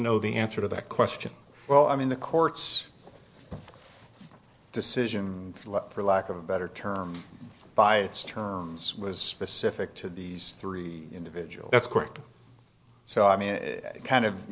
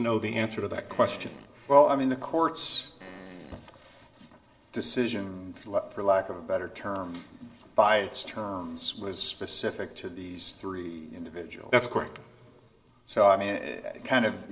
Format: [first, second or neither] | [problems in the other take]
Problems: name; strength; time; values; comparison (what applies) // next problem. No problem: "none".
first | background sound (Fart); 18 dB below the speech // room echo; dies away in 1.6 s